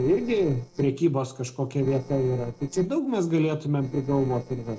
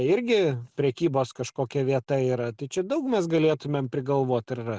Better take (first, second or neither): second